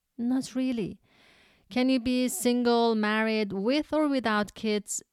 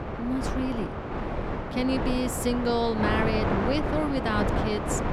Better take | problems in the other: first | wind noise on the microphone; heavy; 1 dB below the speech

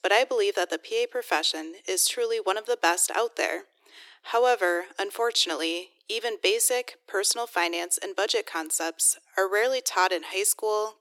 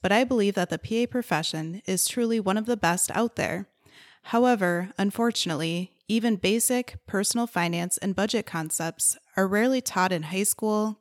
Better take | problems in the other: second | thin; very; fading below 300 Hz

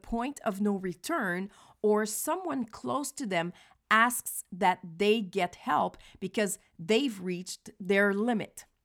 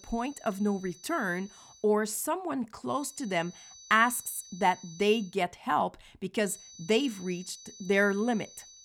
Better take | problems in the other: first | high-pitched whine; noticeable; until 2 s, from 3 to 5.5 s and from 6.5 s on; 6 kHz, 20 dB below the speech

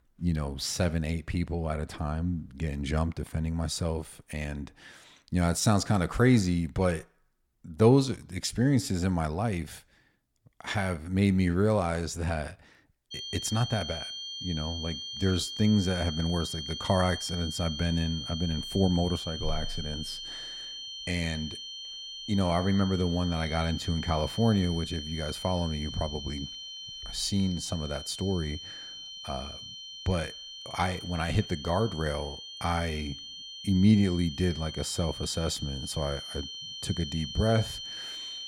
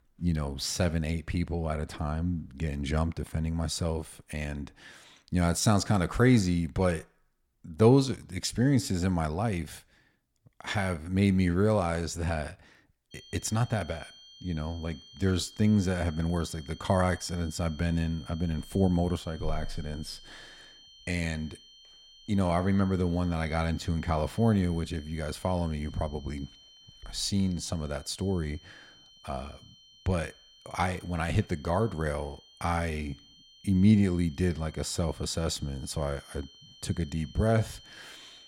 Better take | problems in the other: second | high-pitched whine; loud; from 13 s on; 3 kHz, 8 dB below the speech; faint in the second

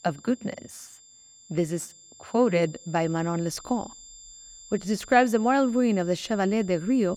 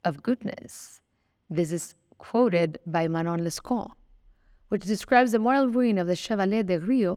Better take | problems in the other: second | high-pitched whine; faint; throughout; 7.5 kHz, 20 dB below the speech

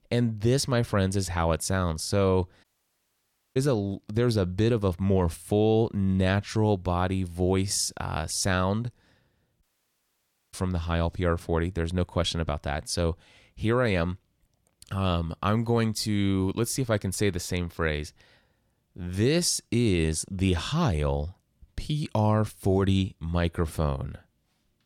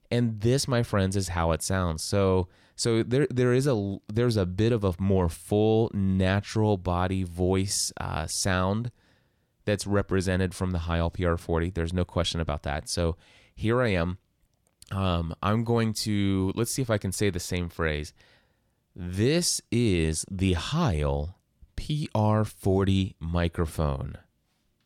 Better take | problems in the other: second | audio cutting out; at 2.5 s for 1 s and at 9.5 s for 1 s

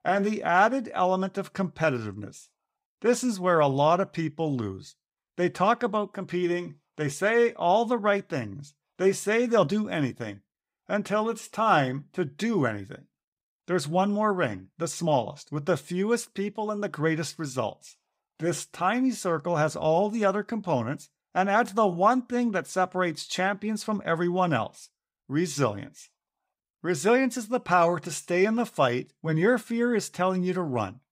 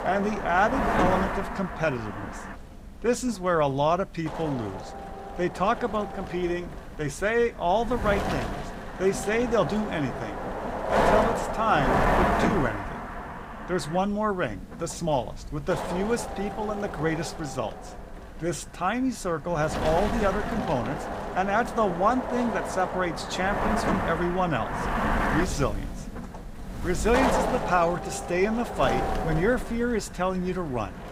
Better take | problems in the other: first | wind noise on the microphone; heavy; 2 dB below the speech

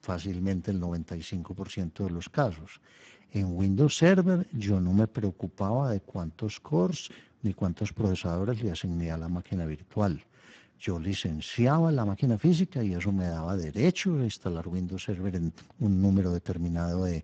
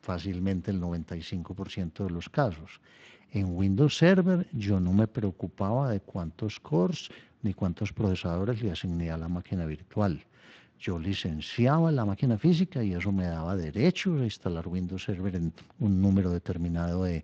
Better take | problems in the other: second | garbled, watery; badly; nothing above 7.5 kHz; slightly in the second

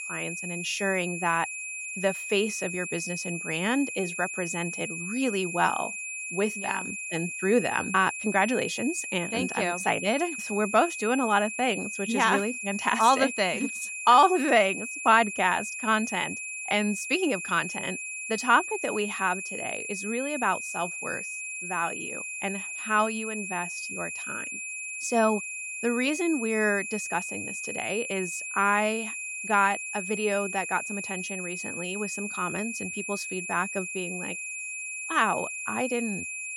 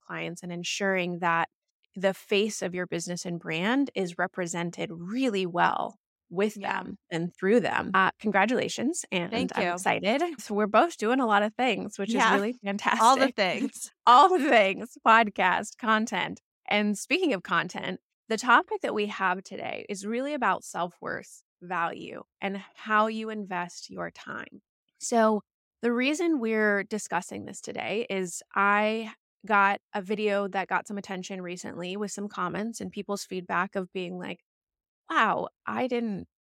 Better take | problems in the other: second | high-pitched whine; loud; throughout; 2.5 kHz, 6 dB below the speech

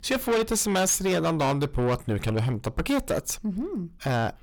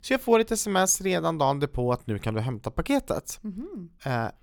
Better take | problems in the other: second | distortion; heavy; 5 dB below the speech

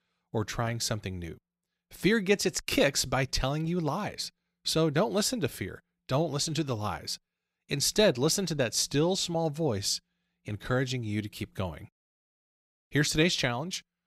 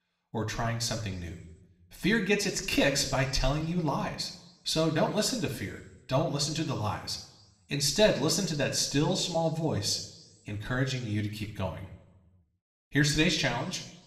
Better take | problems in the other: first | room echo; slight; dies away in 0.7 s

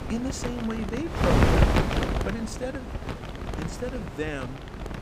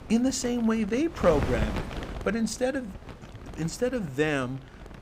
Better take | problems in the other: second | wind noise on the microphone; heavy; 3 dB above the speech; occasional gusts in the second

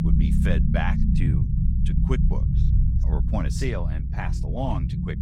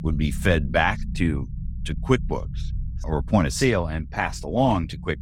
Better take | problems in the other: second | low rumble; loud; throughout; 3 dB below the speech; faint in the second

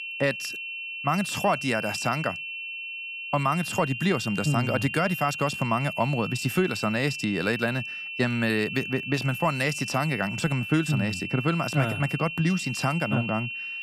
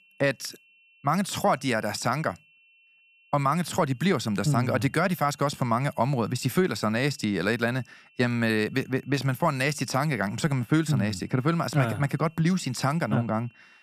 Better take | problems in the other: second | high-pitched whine; loud; throughout; 2.5 kHz, 6 dB below the speech; faint in the second

